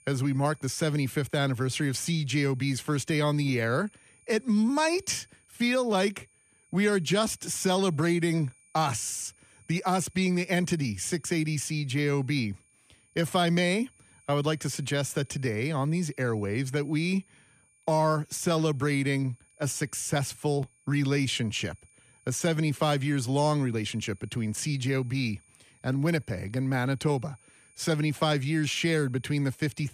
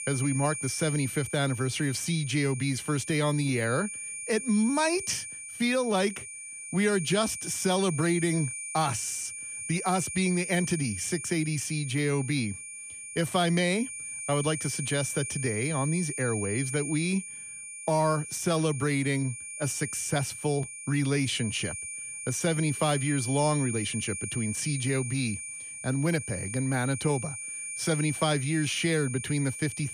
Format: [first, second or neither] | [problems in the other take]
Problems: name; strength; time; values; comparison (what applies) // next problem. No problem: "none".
first | high-pitched whine; loud; throughout; 9 kHz, 7 dB below the speech; faint in the first